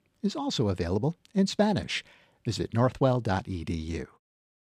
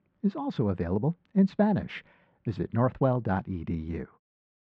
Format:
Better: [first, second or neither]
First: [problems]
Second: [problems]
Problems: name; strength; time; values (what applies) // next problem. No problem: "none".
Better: first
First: none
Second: muffled; very; fading above 1.5 kHz